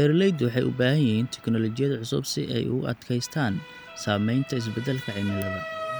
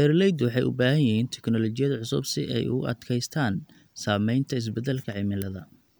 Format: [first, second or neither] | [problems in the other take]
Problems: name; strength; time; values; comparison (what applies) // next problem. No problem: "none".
second | background sound (Motor vehicle (road) / Siren); 15 dB below the speech